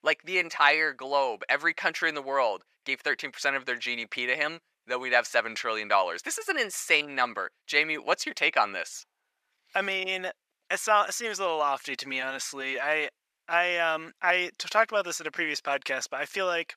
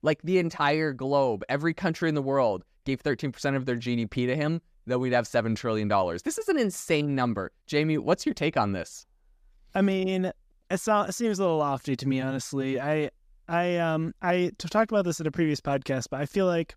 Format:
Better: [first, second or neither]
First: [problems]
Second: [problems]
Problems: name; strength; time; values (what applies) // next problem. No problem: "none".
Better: second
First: thin; very; fading below 750 Hz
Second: none